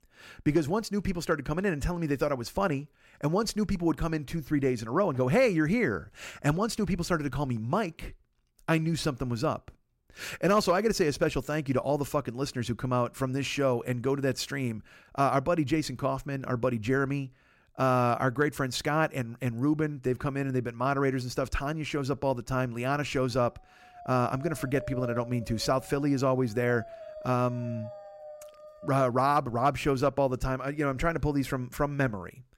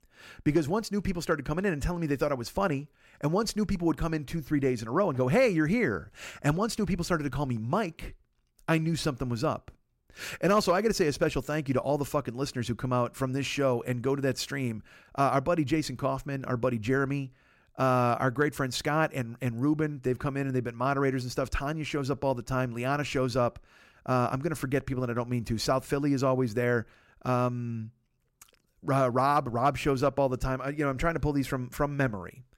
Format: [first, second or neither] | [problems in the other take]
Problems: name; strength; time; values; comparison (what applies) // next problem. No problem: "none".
second | dog barking; noticeable; from 24 to 29 s; peak 9 dB below the speech